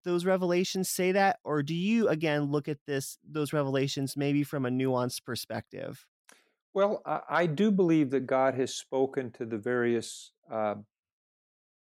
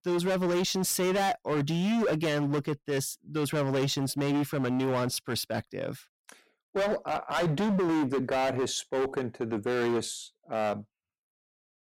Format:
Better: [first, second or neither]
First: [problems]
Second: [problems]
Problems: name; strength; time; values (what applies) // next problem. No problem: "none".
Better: first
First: none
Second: distortion; heavy; 20% of the sound clipped